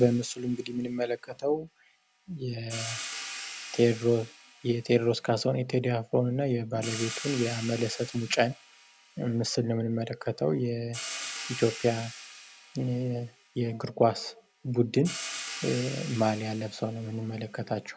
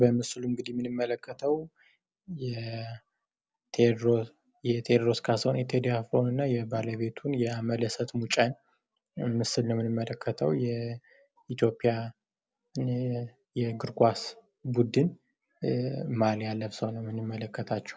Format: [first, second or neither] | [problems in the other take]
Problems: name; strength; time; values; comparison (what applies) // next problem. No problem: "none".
second | background sound (Hi-hat); 13 dB below the speech